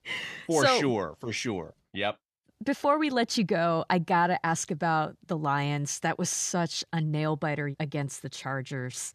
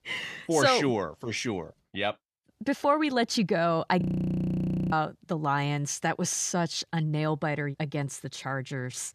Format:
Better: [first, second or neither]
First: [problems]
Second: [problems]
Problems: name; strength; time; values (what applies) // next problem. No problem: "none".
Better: first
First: none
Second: audio freezing; at 4 s for 1 s